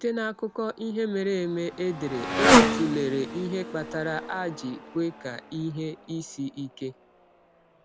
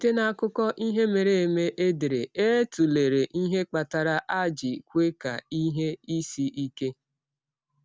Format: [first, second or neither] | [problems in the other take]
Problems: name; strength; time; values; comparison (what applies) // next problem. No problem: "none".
second | background sound (Motorcycle); 1 dB above the speech